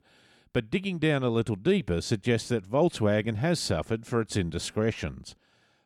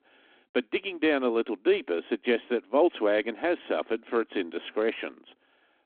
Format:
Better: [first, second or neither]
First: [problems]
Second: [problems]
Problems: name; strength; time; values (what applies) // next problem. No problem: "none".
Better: first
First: none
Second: phone-call audio